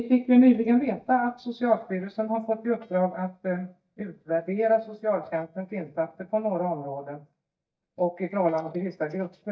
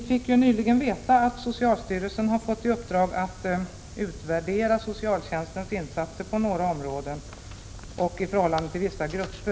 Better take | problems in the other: second | noise reduction (neural mask model DeepFilterNet 3)

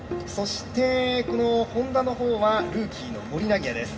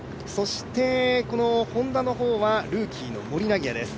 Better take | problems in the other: second | background sound (Bowed string instrument); 14 dB below the speech // room echo; dies away in 0.7 s

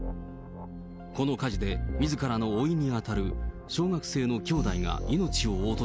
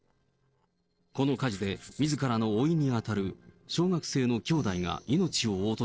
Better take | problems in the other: first | noise reduction (neural separator model SepFormer DNS4)

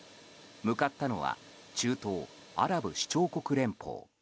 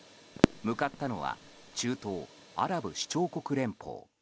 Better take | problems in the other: first | background sound (Fireworks); 1 dB above the speech

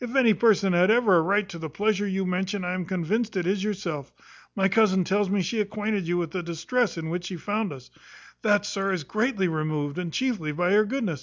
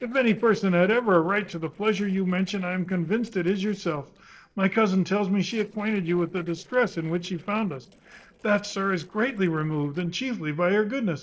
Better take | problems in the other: first | noise reduction (neural separator model SepFormer DNS4)

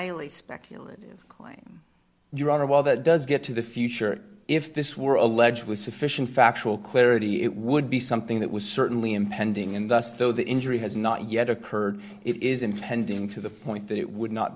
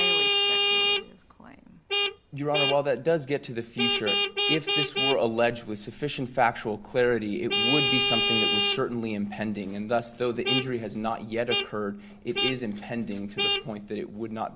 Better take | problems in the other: first | background sound (Vehicle horn, car horn, honking); as loud as the speech

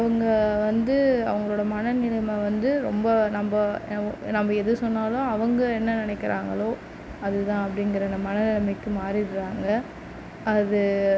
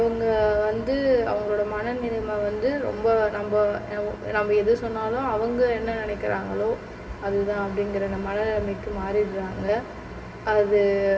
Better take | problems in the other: first | room echo; dies away in 2.8 s

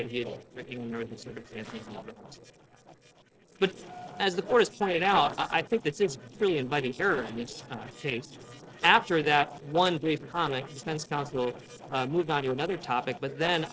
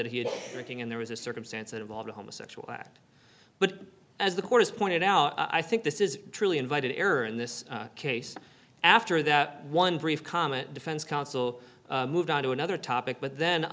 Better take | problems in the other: second | noise reduction (neural separator model SepFormer DNS4)

